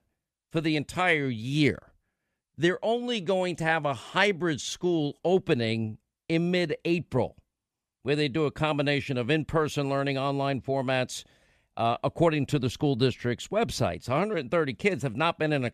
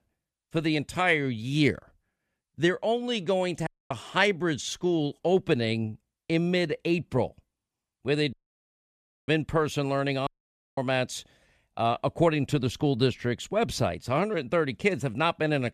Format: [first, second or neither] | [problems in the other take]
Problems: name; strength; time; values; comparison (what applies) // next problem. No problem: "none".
first | audio cutting out; at 3.5 s, at 8.5 s for 1 s and at 10 s for 0.5 s